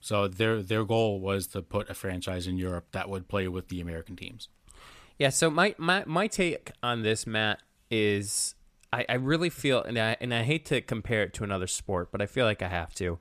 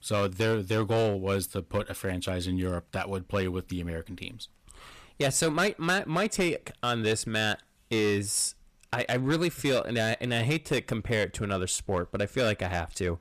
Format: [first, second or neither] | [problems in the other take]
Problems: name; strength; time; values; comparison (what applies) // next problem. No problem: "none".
first | distortion; slight; 6% of the sound clipped